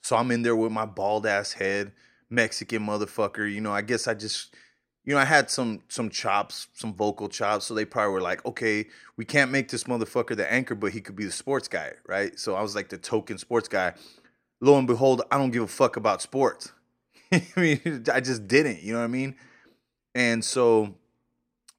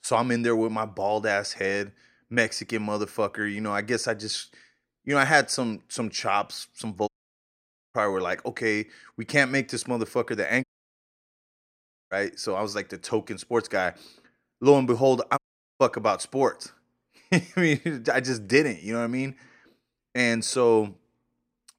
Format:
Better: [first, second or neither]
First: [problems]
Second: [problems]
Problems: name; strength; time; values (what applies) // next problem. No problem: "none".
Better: first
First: none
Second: audio cutting out; at 7 s for 1 s, at 11 s for 1.5 s and at 15 s